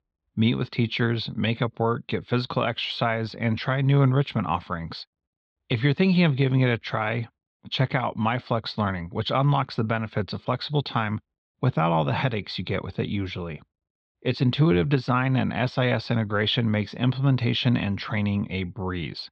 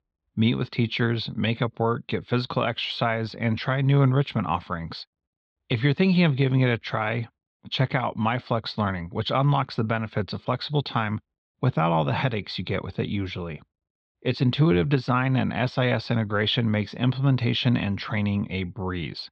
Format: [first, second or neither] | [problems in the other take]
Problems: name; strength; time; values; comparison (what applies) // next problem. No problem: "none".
neither | muffled; slightly; fading above 4 kHz; the same in both